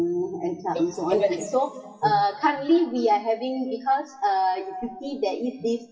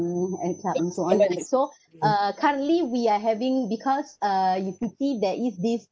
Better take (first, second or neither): second